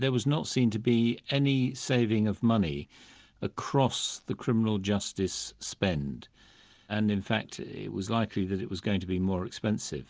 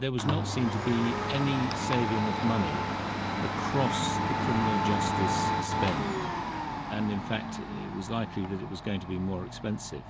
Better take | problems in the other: first | background sound (Domestic sounds, home sounds); 1 dB above the speech

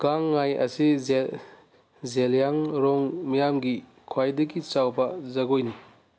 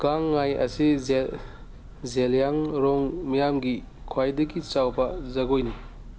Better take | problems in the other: first | background sound (Church bell); 15 dB below the speech

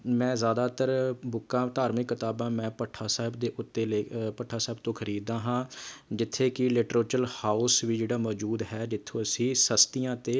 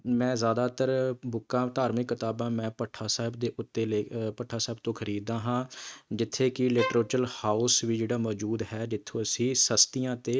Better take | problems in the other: first | noise reduction (neural mask model RNNoise)

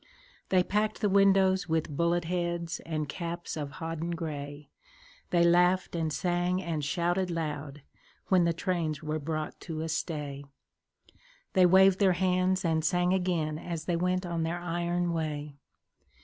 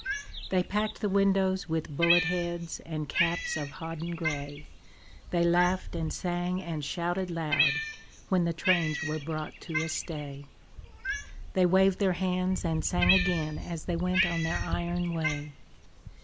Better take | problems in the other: first | background sound (Cat + Bird vocalization, bird call, bird song); 5 dB below the speech

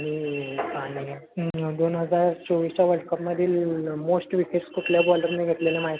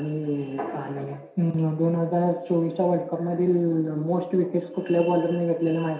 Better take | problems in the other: first | room echo; dies away in 0.7 s

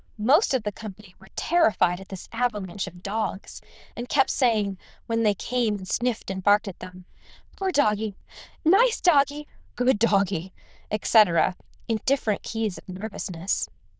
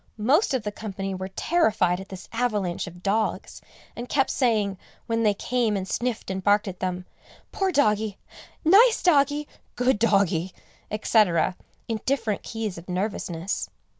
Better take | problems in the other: second | noise reduction (neural diffusion model UNIVERSE++)

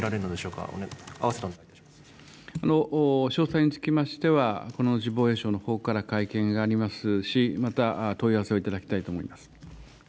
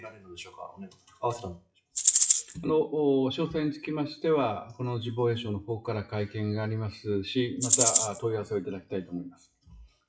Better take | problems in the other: first | noise reduction (classical method WPE with log-MMSE)

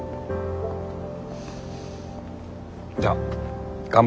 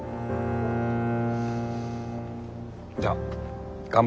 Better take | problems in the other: first | background sound (Bowed string instrument); 1 dB below the speech

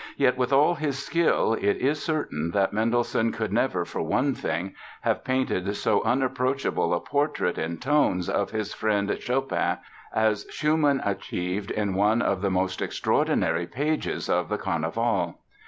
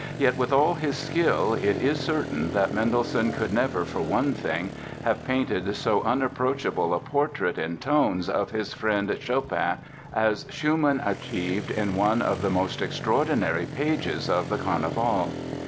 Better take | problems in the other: first | background sound (Motorcycle); 10 dB below the speech

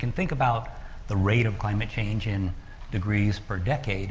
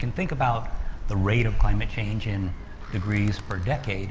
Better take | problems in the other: first | background sound (Animal); 2 dB below the speech

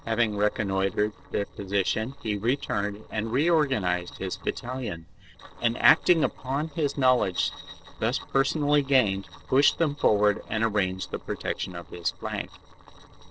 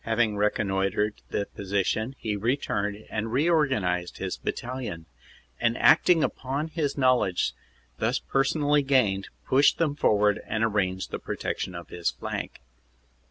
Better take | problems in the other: second | noise reduction (neural separator model SepFormer DNS4)

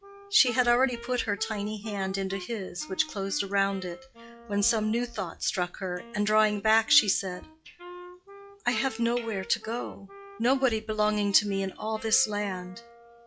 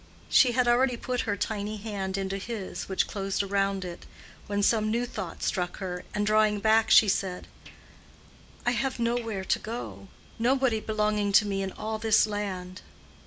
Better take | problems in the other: second | noise reduction (classical method log-MMSE)

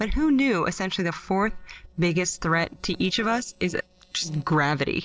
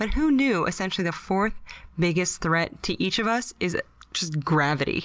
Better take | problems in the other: second | noise reduction (neural separator model SepFormer DNS4)

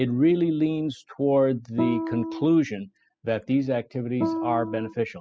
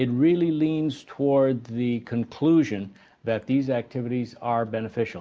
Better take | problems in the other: second | noise reduction (classical method spectral subtraction)

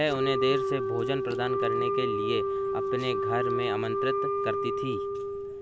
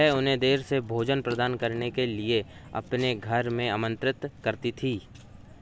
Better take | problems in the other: second | background sound (Wind instrument, woodwind instrument); 3 dB above the speech

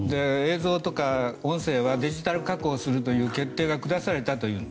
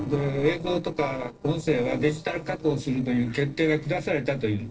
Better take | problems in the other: first | noise reduction (neural separator model SepFormer DNS4)

